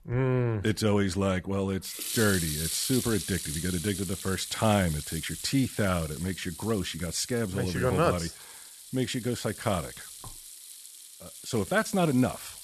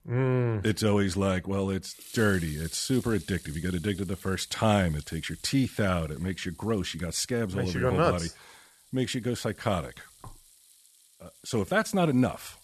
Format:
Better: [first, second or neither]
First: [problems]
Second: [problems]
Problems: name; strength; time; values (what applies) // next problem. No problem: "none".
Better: second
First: household noises; loud; throughout; 8 dB below the speech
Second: household noises; faint; throughout; 20 dB below the speech